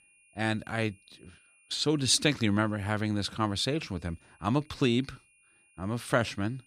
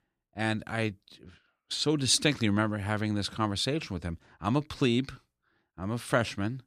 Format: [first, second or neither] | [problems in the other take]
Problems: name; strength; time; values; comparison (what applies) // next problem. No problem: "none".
second | high-pitched whine; faint; throughout; 2.5 kHz, 30 dB below the speech